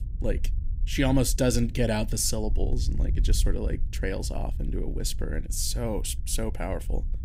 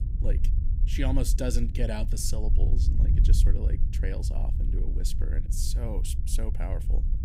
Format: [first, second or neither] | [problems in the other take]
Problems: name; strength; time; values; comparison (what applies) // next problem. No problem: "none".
first | low rumble; loud; throughout; 8 dB below the speech; faint in the first